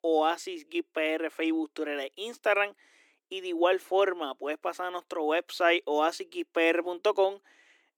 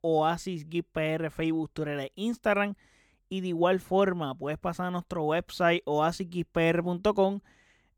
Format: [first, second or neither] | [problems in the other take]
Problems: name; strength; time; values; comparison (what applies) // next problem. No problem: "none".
second | thin; very; fading below 300 Hz